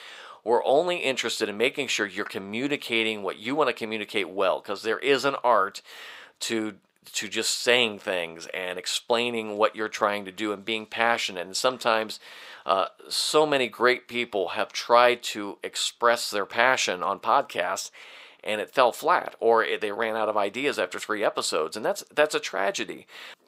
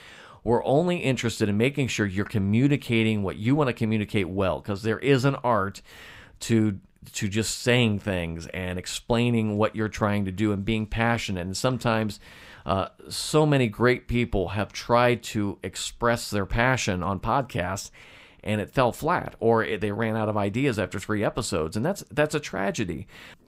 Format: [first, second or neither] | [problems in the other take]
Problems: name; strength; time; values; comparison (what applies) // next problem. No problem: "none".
second | thin; very; fading below 500 Hz